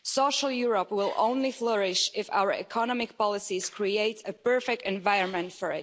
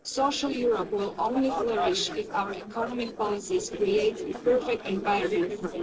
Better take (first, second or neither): first